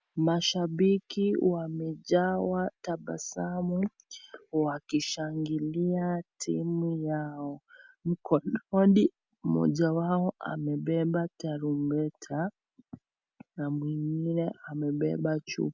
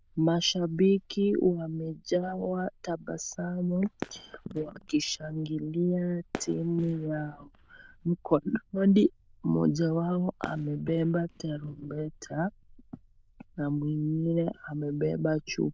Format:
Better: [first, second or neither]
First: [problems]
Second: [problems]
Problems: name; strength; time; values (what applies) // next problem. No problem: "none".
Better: first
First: none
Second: noise reduction (neural diffusion model UNIVERSE++)